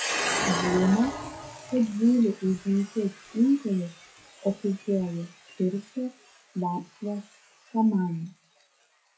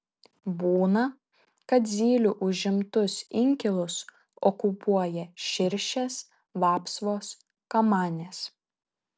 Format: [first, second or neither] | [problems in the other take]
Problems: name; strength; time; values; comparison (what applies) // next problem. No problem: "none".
second | noise reduction (classical method WPE with log-MMSE)